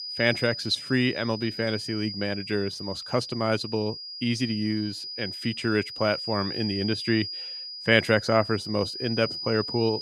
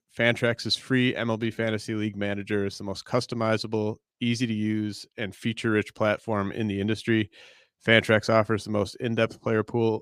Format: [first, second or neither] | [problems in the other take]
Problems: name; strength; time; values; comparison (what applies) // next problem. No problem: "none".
second | high-pitched whine; loud; throughout; 5 kHz, 7 dB below the speech